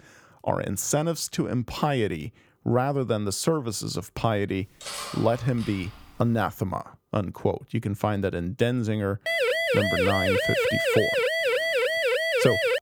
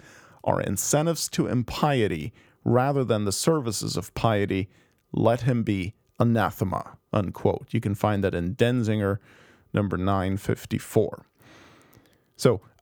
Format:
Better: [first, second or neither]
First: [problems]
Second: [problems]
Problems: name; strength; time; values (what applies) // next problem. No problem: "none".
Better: second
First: clattering dishes; noticeable; from 5 to 6.5 s; peak 6 dB below the speech // siren; loud; from 9.5 s on; peak 4 dB above the speech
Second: none